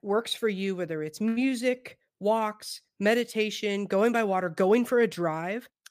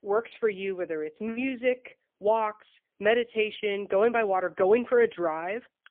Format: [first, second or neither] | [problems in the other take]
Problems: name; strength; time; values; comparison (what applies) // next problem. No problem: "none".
first | phone-call audio; poor line